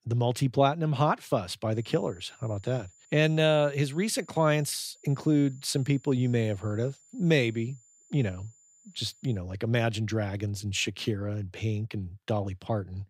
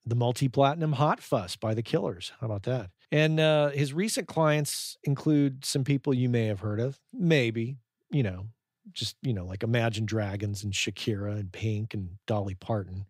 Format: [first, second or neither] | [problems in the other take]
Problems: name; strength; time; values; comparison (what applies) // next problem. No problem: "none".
second | high-pitched whine; faint; from 2 to 9.5 s; 7 kHz, 30 dB below the speech